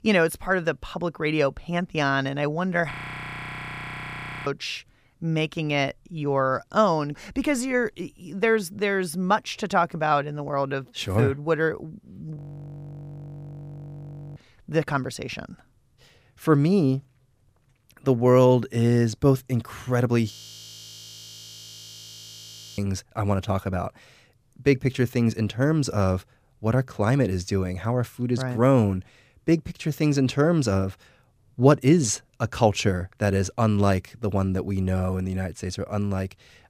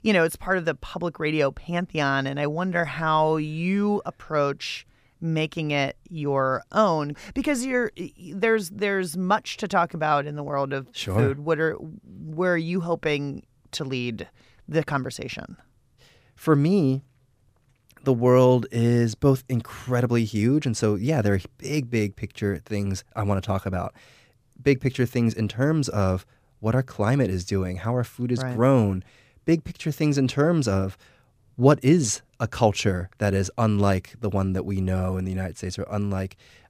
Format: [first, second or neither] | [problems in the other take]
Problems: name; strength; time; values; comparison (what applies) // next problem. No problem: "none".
second | audio freezing; at 3 s for 1.5 s, at 12 s for 2 s and at 20 s for 2.5 s